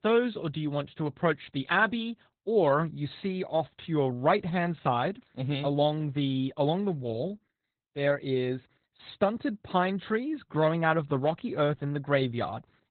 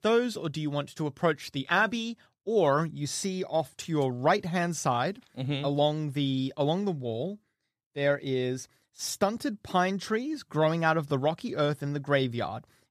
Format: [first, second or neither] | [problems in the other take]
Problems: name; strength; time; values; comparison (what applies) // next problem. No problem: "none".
second | garbled, watery; badly; nothing above 4 kHz